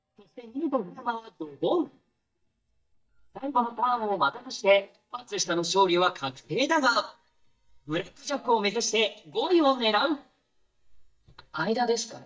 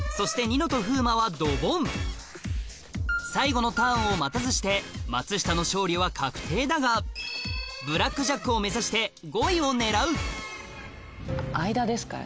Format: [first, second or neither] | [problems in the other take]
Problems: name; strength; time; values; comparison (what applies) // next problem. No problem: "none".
second | noise reduction (neural mask model DeepFilterNet 3)